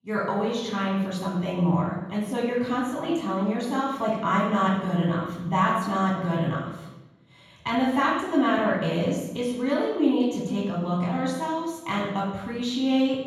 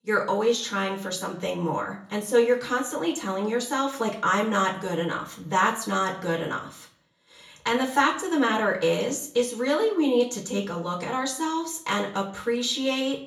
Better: second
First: room echo; strong; dies away in 1.3 s // off-mic speech; far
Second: room echo; slight; dies away in 0.4 s // off-mic speech; far

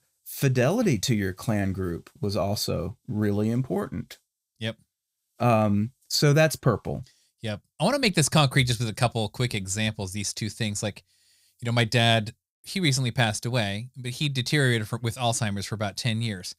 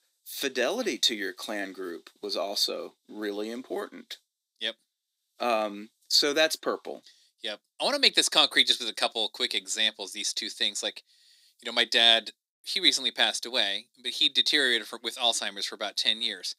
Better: first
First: none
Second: thin; somewhat; fading below 250 Hz

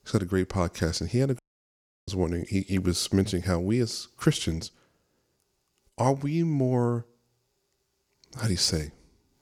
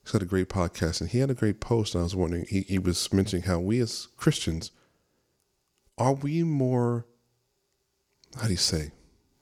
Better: second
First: audio cutting out; at 1.5 s for 0.5 s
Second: none

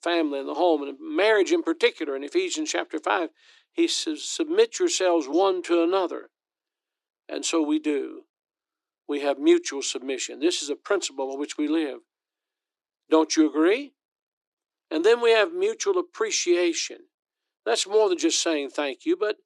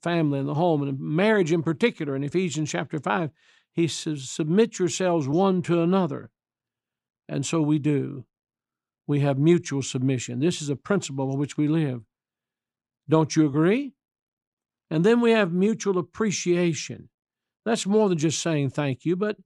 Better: second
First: thin; somewhat; fading below 300 Hz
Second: none

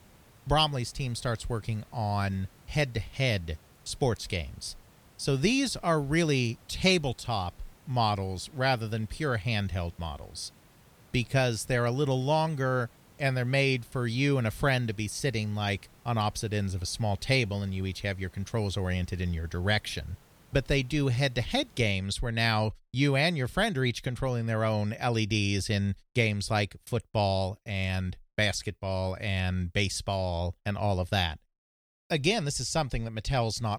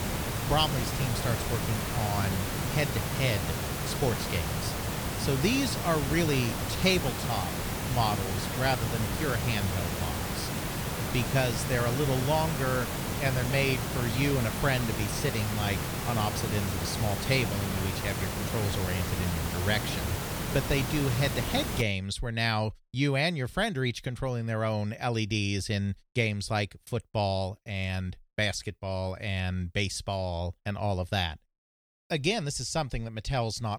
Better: first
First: hiss; faint; until 22 s; 30 dB below the speech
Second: hiss; loud; until 22 s; 2 dB below the speech

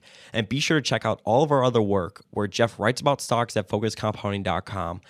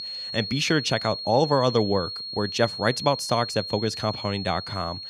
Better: first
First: none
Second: high-pitched whine; loud; throughout; 4.5 kHz, 7 dB below the speech

